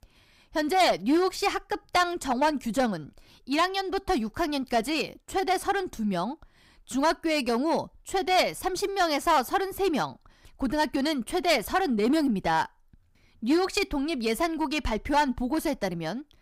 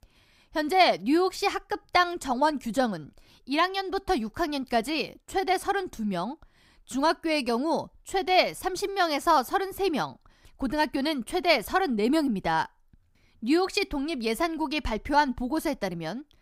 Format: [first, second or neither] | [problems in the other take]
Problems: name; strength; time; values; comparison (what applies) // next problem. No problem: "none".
second | distortion; slight; 5% of the sound clipped